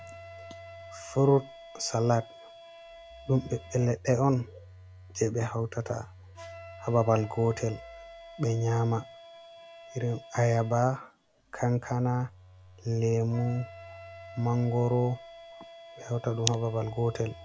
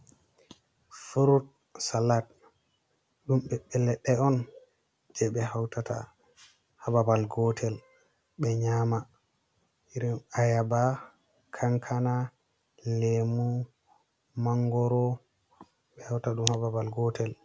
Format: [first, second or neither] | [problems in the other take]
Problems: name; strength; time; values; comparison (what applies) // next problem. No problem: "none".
second | background sound (Wind instrument, woodwind instrument + Telephone); 18 dB below the speech